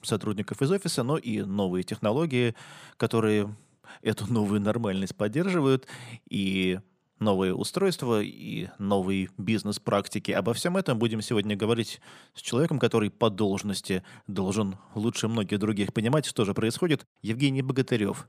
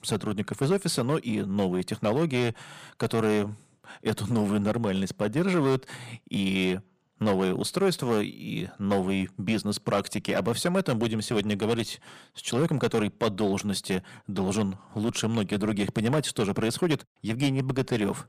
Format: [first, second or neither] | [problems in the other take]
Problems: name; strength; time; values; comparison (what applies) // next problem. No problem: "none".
first | distortion; slight; 6% of the sound clipped